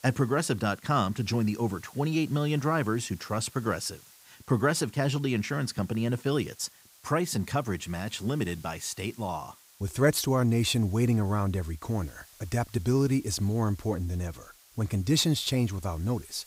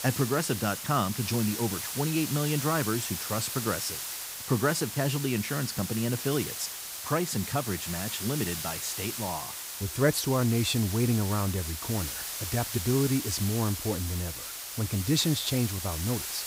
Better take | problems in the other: first | hiss; loud; throughout; 4 dB below the speech; faint in the first

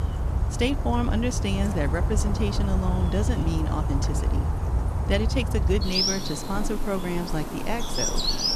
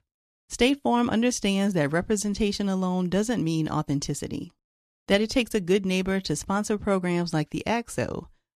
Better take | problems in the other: second | animal sounds; very loud; throughout; 2 dB above the speech

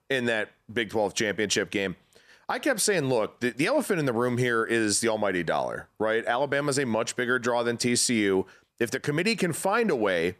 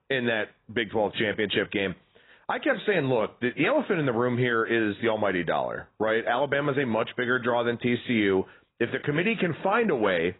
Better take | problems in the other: first | garbled, watery; badly; nothing above 4 kHz

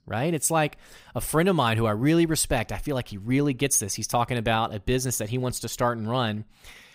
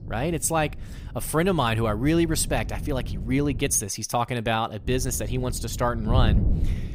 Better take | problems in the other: first | wind noise on the microphone; occasional gusts; until 4 s and from 5 s on; 15 dB below the speech

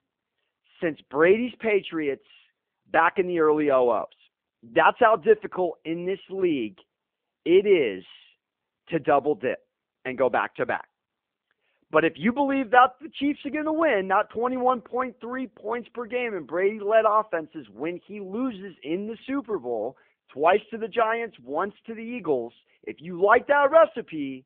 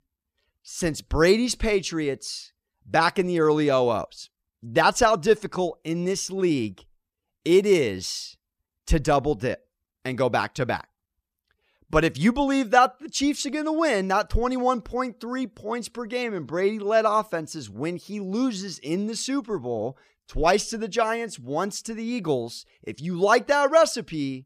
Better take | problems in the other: second | phone-call audio

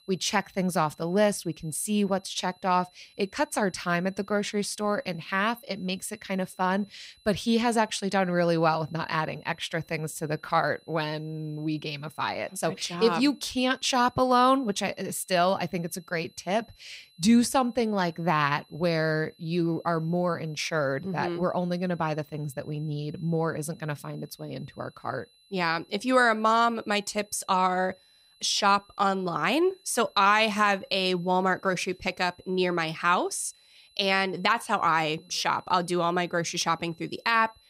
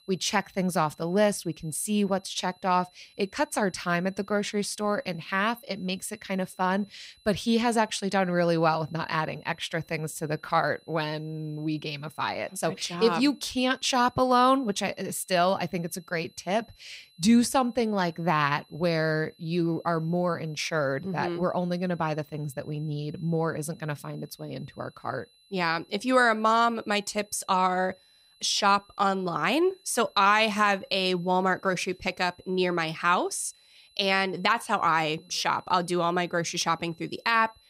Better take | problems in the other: neither | high-pitched whine; faint; throughout; 4 kHz, 30 dB below the speech; the same in both

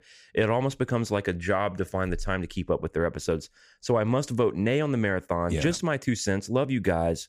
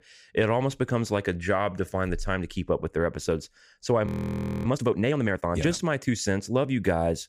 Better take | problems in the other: first | audio freezing; at 4 s for 0.5 s

